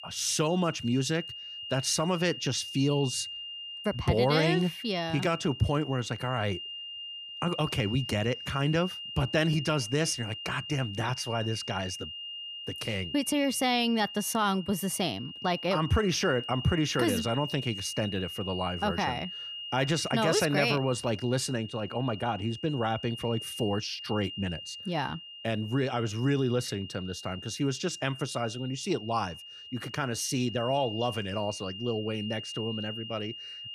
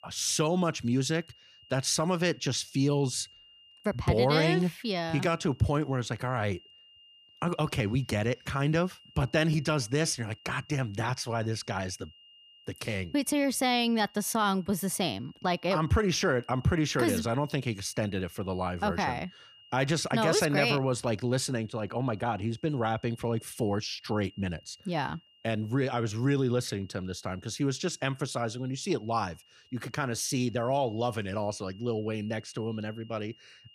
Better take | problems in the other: second | high-pitched whine; loud; throughout; 3 kHz, 9 dB below the speech; faint in the second

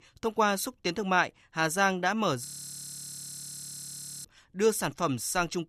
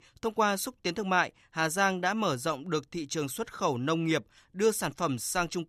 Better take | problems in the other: second | audio freezing; at 2.5 s for 2 s

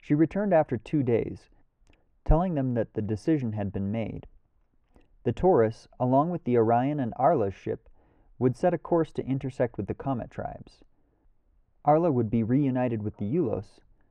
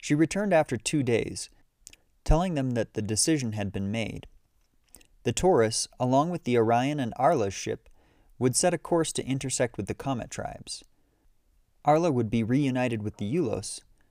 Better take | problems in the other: second | muffled; very; fading above 3.5 kHz

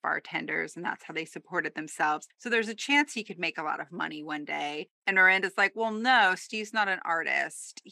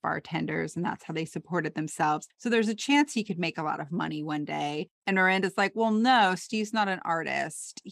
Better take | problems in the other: second | thin; somewhat; fading below 300 Hz

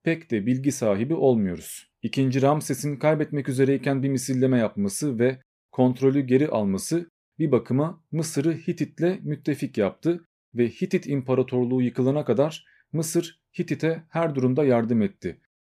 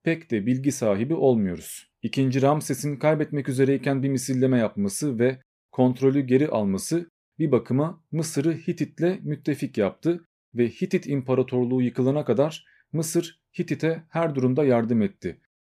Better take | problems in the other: neither | none

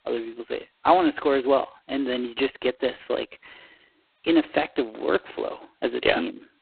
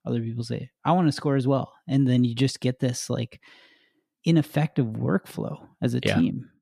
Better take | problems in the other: second | phone-call audio; poor line; nothing above 4 kHz

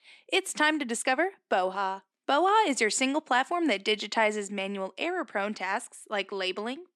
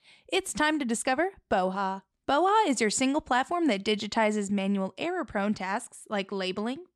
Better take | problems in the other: second | thin; very slightly; fading below 250 Hz

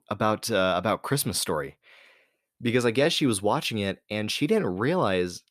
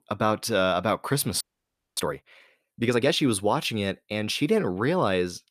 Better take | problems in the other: first | audio freezing; at 1.5 s for 0.5 s

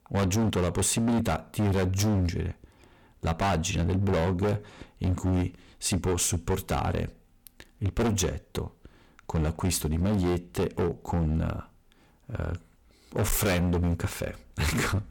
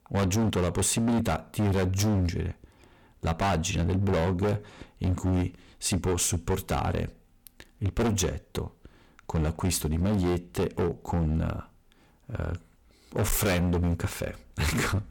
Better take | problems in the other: neither | distortion; heavy; 17% of the sound clipped; the same in both

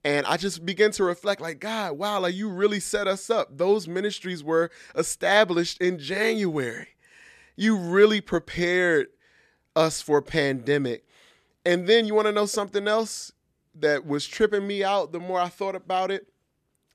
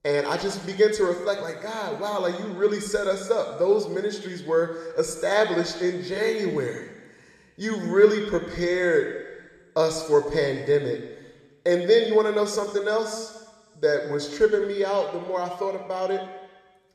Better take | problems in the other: first | room echo; slight; dies away in 1.3 s

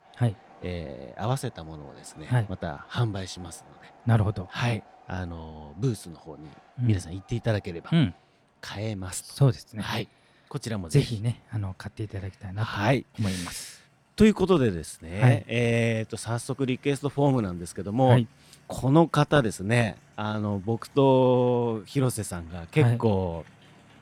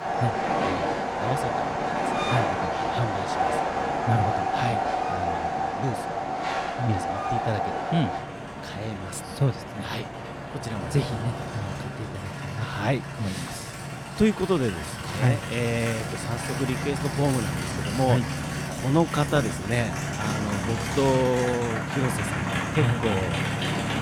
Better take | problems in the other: first | train or aircraft noise; loud; throughout; 1 dB below the speech; faint in the first

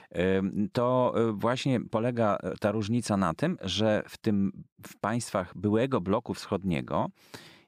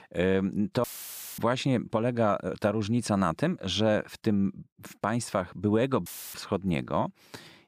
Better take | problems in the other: first | audio cutting out; filled with static; at 1 s for 0.5 s and at 6 s

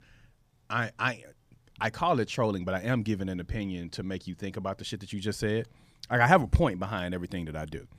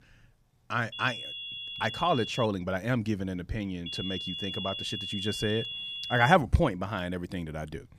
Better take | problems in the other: first | high-pitched whine; loud; from 1 to 2.5 s and from 4 to 6.5 s; 3.5 kHz, 6 dB below the speech

